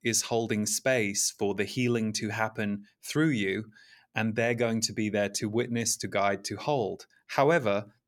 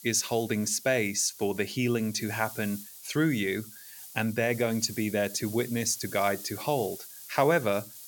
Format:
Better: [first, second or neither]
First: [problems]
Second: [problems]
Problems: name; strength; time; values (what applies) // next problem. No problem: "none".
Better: first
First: none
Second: hiss; noticeable; throughout; 15 dB below the speech